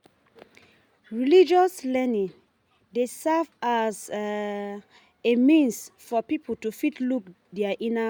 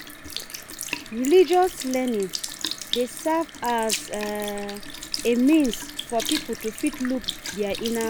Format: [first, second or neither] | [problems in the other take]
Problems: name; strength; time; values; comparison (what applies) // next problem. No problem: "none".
first | background sound (Sink (filling or washing) / Liquid); 9 dB below the speech